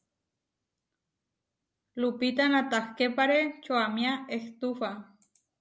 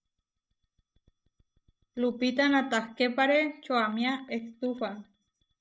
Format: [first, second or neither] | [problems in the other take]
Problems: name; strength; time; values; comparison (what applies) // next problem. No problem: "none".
first | noise reduction (neural mask model DeepFilterNet 3)